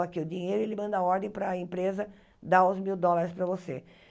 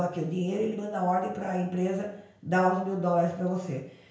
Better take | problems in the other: first | room echo; dies away in 0.5 s

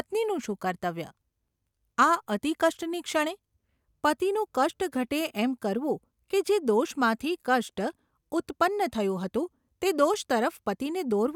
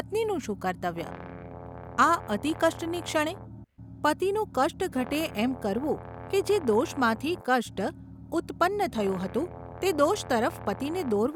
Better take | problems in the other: first | background sound (Brass instrument + Engine); 14 dB below the speech

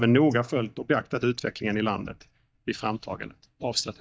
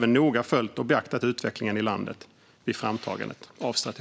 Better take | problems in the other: second | noise reduction (neural mask model DeepFilterNet 3)

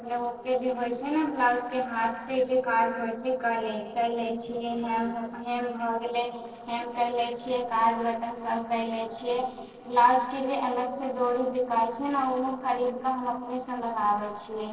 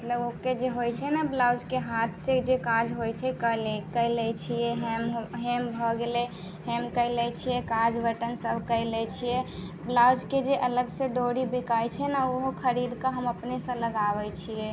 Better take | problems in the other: second | noise reduction (neural separator model SepFormer DNS4)

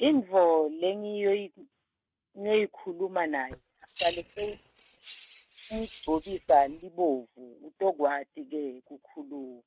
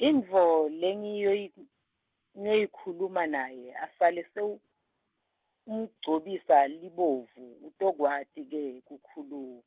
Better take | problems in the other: second | noise reduction (neural mask model RNNoise)

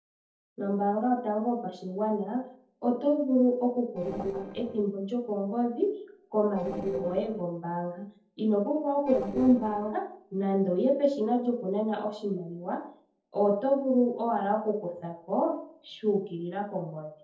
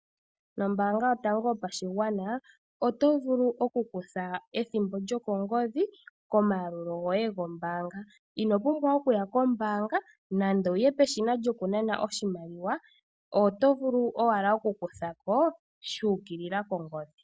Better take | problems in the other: second | noise reduction (neural separator model SepFormer DNS4)

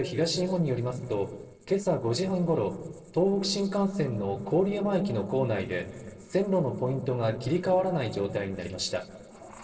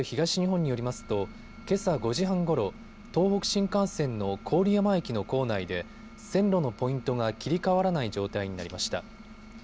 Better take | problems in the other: second | noise reduction (neural separator model SepFormer DNS4)

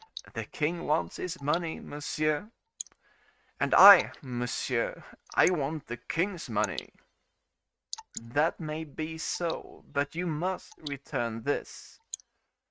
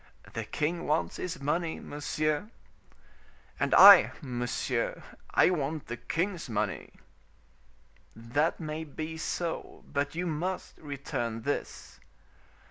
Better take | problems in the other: second | noise reduction (neural mask model RNNoise)

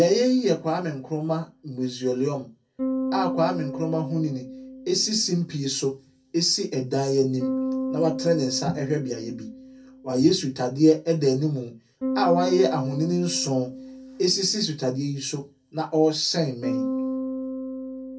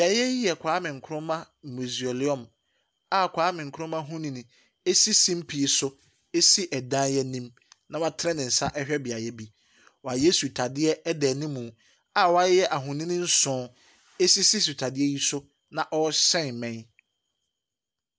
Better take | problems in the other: second | background sound (Bass guitar); 8 dB below the speech // room echo; dies away in 0.3 s

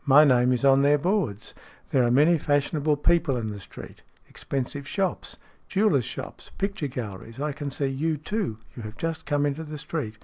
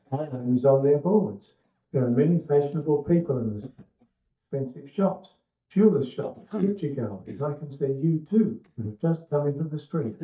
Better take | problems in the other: first | noise reduction (neural mask model DeepFilterNet 3)

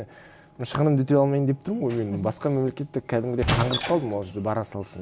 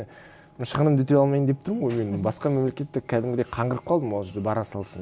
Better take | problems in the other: second | background sound (Squeak / Wood); 3 dB below the speech

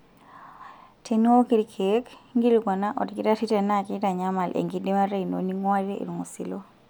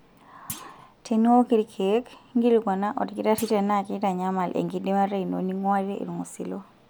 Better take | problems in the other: first | background sound (Thump, thud); 20 dB below the speech

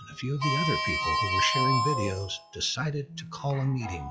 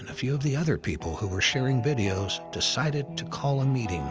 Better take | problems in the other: second | noise reduction (classical method log-MMSE)

